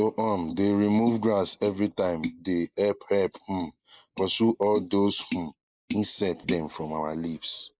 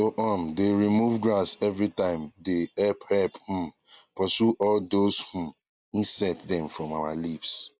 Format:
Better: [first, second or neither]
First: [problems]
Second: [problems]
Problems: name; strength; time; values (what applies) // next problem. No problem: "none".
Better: second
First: noise reduction (neural mask model Resemble Enhance denoiser)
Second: none